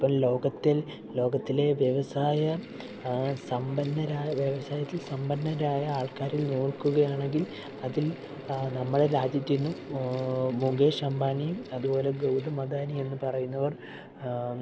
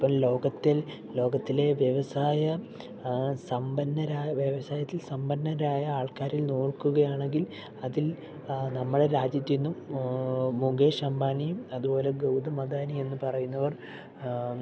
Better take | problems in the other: second | background sound (Mechanical fan); 18 dB below the speech

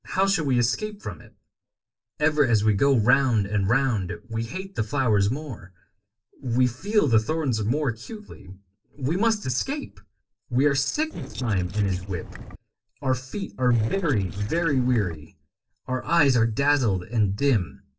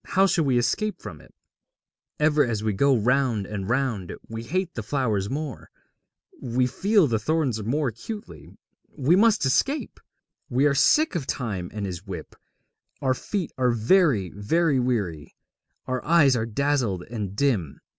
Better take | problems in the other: second | noise reduction (neural separator model SepFormer DNS4)

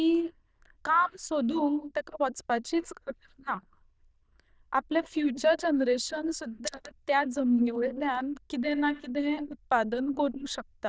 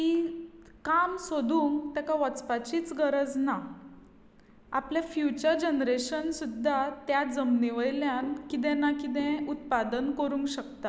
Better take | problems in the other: second | noise reduction (neural diffusion model UNIVERSE++)

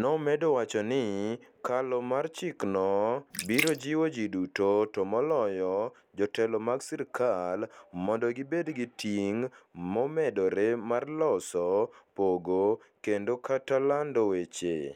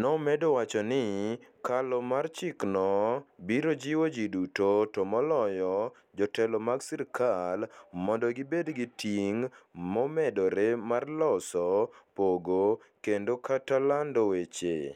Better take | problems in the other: second | background sound (Splash, splatter); 9 dB below the speech

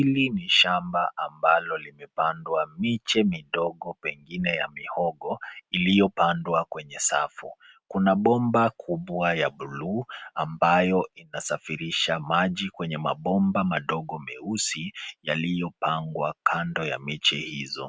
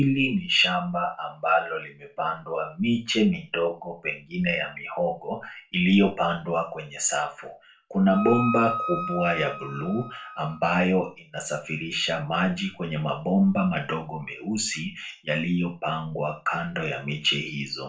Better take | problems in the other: first | background sound (Wind instrument, woodwind instrument); 7 dB below the speech // room echo; dies away in 0.3 s

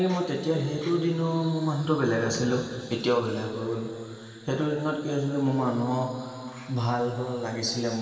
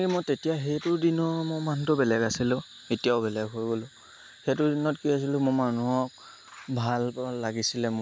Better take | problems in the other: second | room echo; dies away in 2.6 s

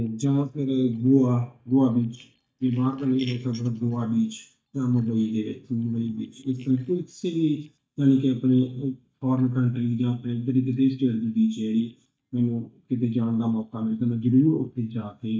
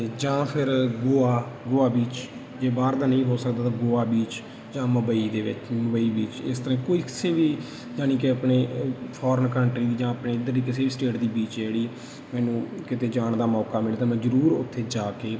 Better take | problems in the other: second | noise reduction (neural mask model DeepFilterNet 3)

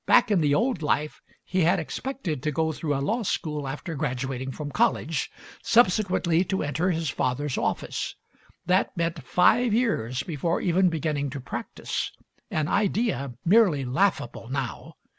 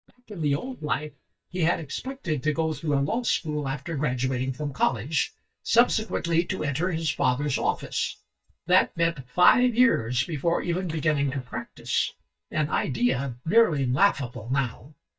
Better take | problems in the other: first | noise reduction (neural mask model DeepFilterNet 3)

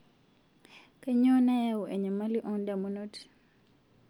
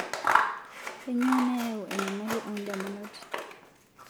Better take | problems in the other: first | background sound (Scissors); as loud as the speech

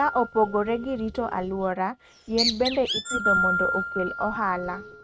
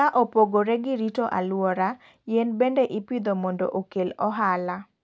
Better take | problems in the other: second | noise reduction (neural mask model RNNoise)

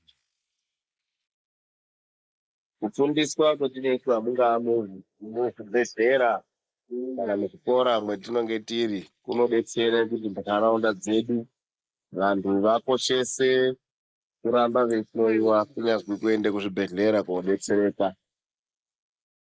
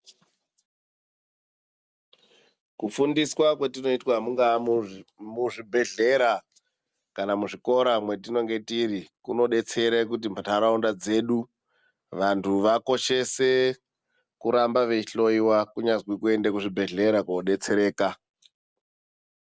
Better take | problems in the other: second | noise reduction (neural mask model Resemble Enhance denoiser)

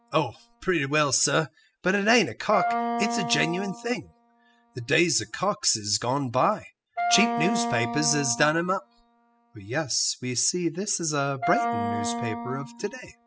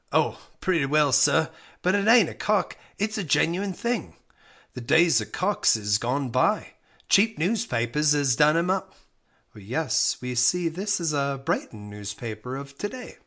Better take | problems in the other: second | noise reduction (classical method spectral subtraction)

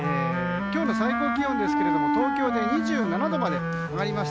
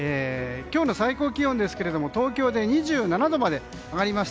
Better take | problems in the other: second | background sound (Wind instrument, woodwind instrument); 3 dB above the speech

